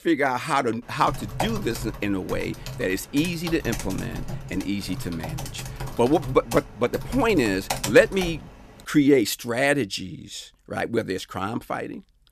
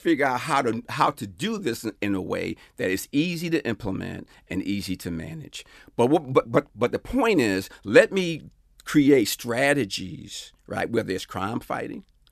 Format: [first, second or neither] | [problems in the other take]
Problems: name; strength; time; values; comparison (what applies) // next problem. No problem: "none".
second | keyboard typing; noticeable; from 1 to 8.5 s; peak 4 dB below the speech